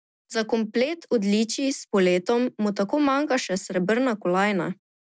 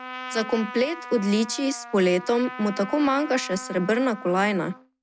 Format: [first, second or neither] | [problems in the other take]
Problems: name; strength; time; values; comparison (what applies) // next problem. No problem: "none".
first | background sound (Trumpet); 14 dB below the speech